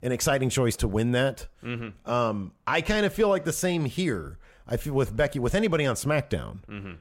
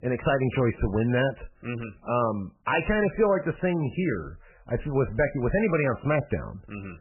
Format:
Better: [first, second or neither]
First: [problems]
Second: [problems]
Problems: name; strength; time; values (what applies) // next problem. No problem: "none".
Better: first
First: none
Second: garbled, watery; badly; nothing above 3 kHz